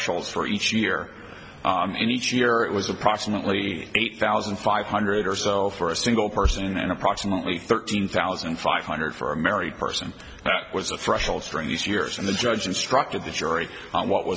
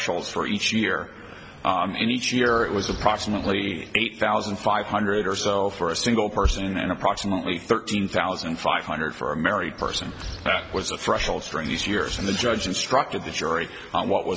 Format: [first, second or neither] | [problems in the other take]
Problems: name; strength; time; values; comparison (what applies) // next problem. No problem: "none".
first | background sound (Bird); 12 dB below the speech